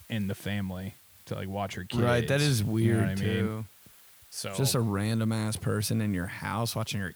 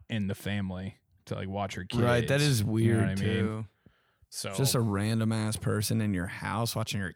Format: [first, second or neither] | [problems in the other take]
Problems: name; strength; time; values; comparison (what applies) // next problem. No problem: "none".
second | hiss; faint; throughout; 25 dB below the speech